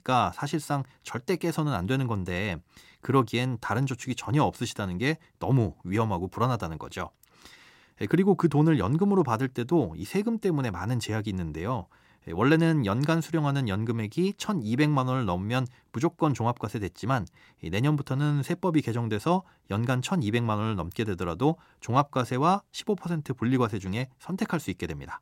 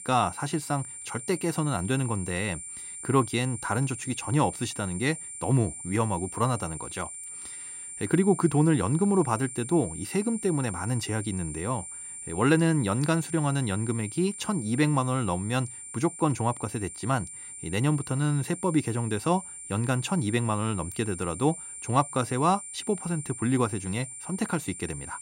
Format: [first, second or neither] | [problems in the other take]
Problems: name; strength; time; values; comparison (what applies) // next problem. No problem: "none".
first | high-pitched whine; loud; throughout; 9 kHz, 10 dB below the speech